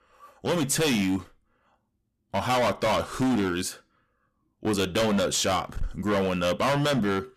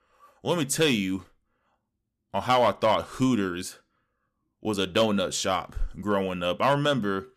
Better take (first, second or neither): second